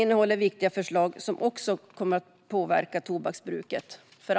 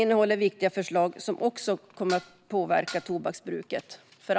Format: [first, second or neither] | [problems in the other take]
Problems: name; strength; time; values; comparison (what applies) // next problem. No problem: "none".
first | background sound (Dishes, pots, and pans); 16 dB below the speech